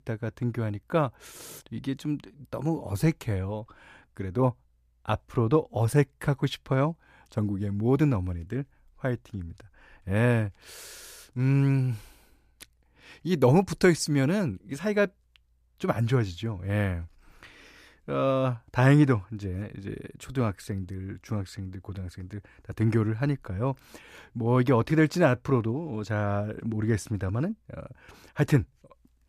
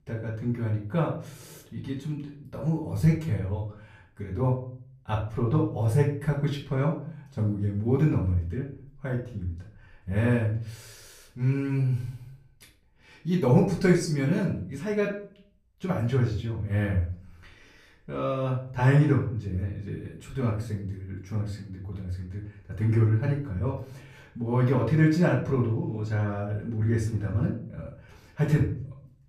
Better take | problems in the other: first | off-mic speech; far // room echo; slight; dies away in 0.5 s

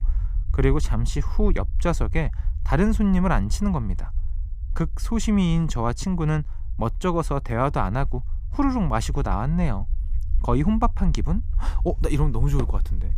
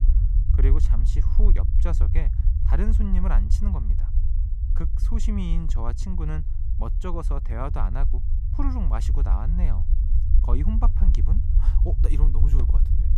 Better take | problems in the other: first | low rumble; loud; throughout; 6 dB below the speech; faint in the first

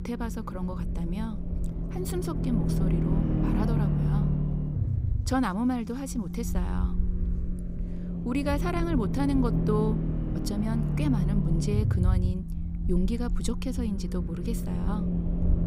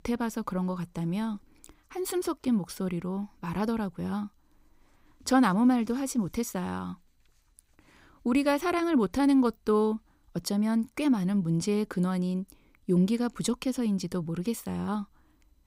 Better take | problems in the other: second | low rumble; loud; throughout; 4 dB below the speech

